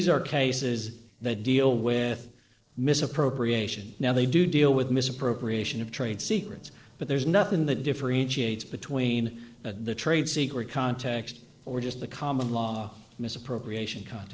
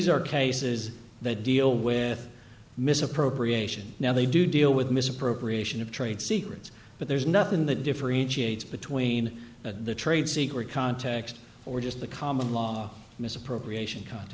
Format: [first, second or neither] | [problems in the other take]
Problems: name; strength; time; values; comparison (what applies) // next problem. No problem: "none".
second | noise reduction (neural separator model SepFormer DNS4)